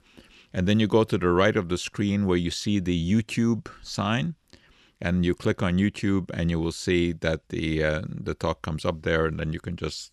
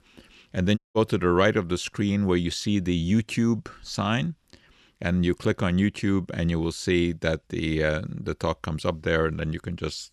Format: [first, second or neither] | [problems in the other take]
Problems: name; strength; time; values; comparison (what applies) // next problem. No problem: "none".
first | audio cutting out; at 1 s